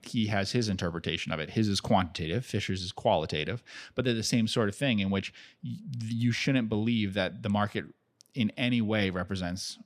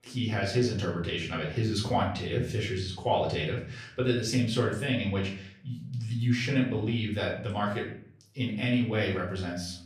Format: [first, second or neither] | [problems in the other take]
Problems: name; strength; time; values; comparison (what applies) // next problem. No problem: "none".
first | off-mic speech; far // room echo; slight; dies away in 0.5 s